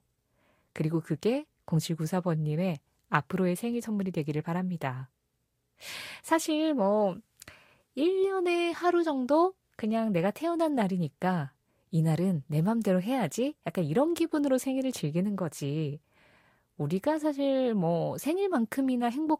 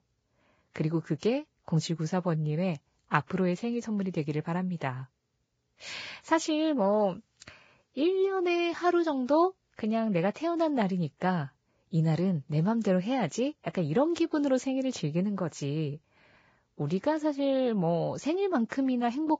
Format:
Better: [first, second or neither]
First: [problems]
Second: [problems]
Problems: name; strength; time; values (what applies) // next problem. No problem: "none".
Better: first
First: garbled, watery; slightly; nothing above 15 kHz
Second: garbled, watery; badly; nothing above 7.5 kHz